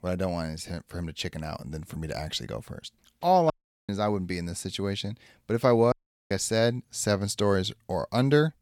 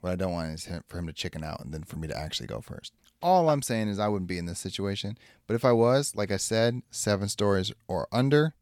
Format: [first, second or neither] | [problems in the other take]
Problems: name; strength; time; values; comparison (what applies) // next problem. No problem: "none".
second | audio cutting out; at 3.5 s and at 6 s